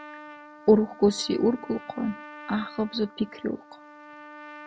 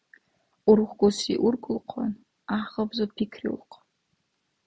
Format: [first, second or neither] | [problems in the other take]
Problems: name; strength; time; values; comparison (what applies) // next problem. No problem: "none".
second | background sound (Trumpet); 17 dB below the speech